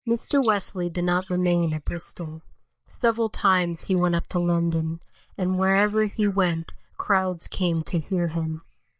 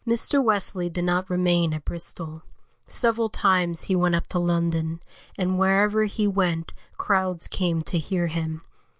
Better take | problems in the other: second | noise reduction (neural mask model DeepFilterNet 3)

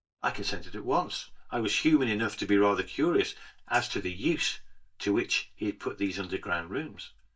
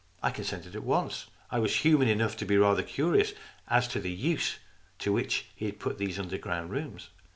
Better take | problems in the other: second | noise reduction (neural mask model DeepFilterNet 3)

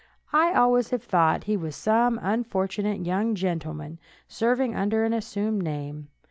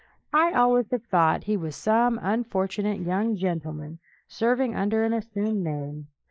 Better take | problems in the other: first | noise reduction (neural mask model Resemble Enhance denoiser)

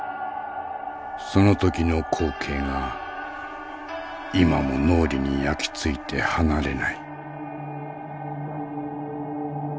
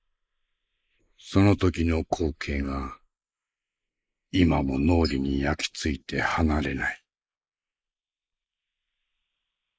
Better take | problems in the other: first | noise reduction (neural mask model Resemble Enhance denoiser)

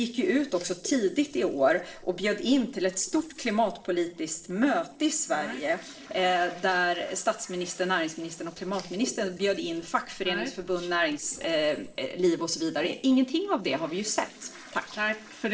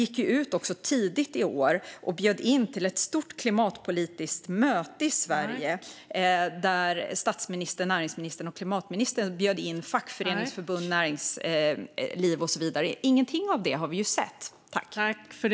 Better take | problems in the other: second | noise reduction (neural separator model SepFormer DNS4)

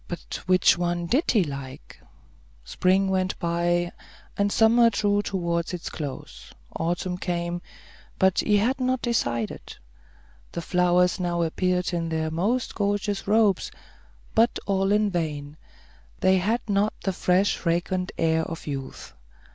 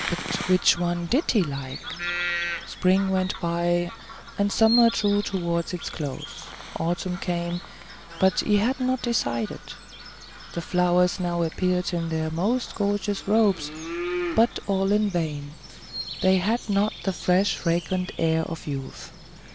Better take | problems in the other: first | background sound (Bird vocalization, bird call, bird song); 11 dB below the speech

